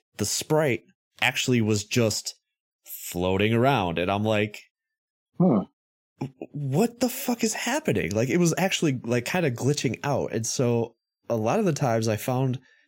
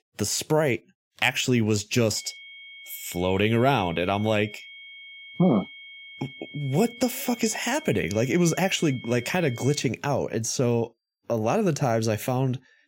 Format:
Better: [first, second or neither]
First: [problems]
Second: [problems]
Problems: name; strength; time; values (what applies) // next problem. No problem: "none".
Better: first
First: none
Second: high-pitched whine; noticeable; from 2 to 10 s; 2 kHz, 15 dB below the speech